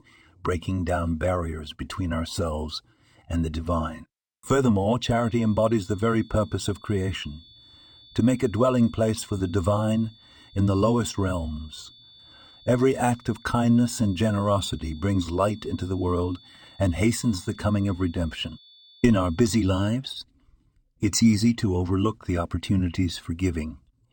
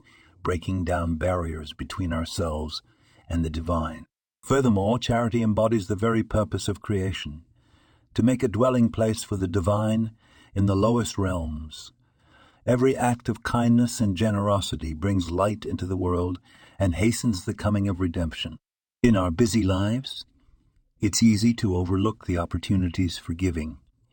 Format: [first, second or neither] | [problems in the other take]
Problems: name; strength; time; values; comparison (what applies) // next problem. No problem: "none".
second | high-pitched whine; faint; from 5 to 20 s; 3.5 kHz, 25 dB below the speech